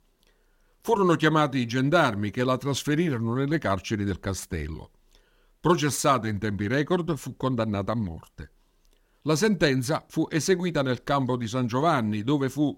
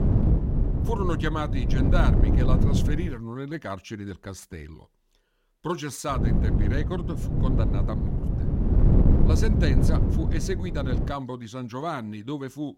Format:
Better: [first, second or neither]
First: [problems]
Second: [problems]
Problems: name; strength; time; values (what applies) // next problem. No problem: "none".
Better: first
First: none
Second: wind noise on the microphone; heavy; until 3 s and from 6 to 11 s; 2 dB below the speech